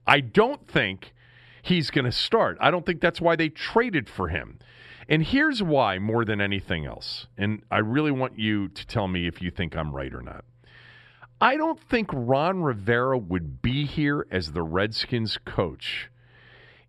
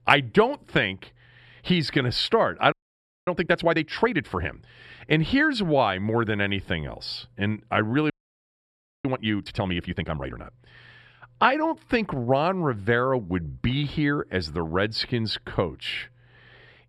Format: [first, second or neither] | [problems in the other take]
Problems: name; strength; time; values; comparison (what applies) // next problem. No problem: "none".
first | audio freezing; at 2.5 s for 0.5 s and at 8 s for 1 s